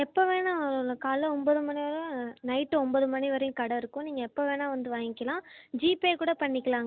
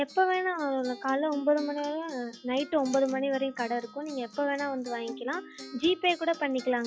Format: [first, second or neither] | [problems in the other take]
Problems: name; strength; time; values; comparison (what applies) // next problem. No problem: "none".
first | noise reduction (classical method log-MMSE)